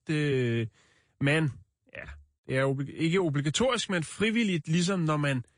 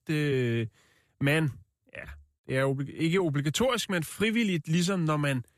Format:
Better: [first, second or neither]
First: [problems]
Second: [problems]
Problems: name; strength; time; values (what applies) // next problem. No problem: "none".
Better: second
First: garbled, watery; slightly; nothing above 9 kHz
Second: none